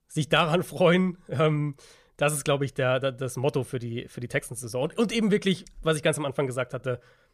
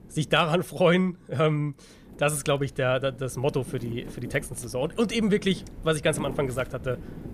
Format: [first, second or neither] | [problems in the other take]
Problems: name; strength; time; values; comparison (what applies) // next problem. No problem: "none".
first | wind noise on the microphone; occasional gusts; 20 dB below the speech